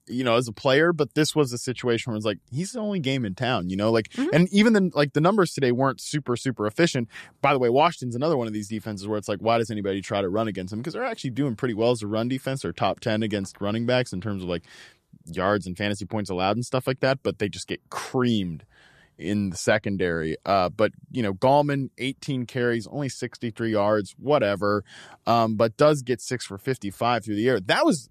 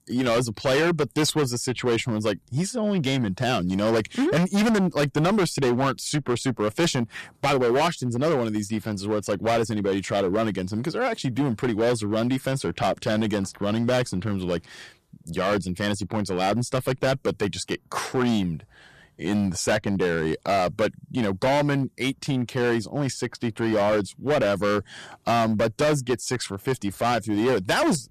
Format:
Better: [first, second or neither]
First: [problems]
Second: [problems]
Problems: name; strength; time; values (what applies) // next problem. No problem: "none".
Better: first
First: none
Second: distortion; heavy; 13% of the sound clipped